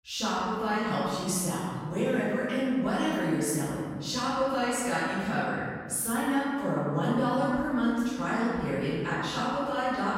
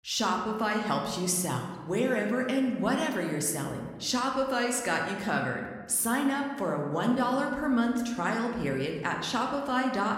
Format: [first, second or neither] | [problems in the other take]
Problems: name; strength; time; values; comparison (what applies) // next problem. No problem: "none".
second | room echo; strong; dies away in 1.9 s; slight in the second // off-mic speech; far